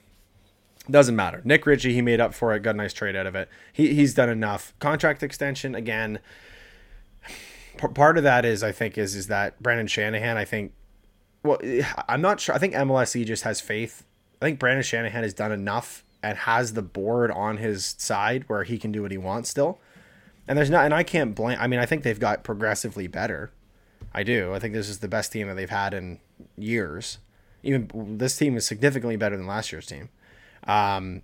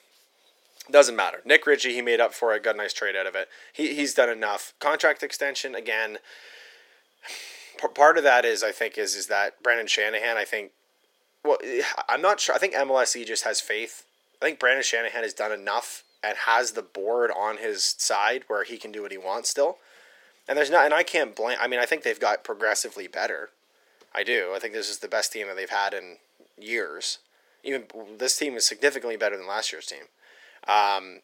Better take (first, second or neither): first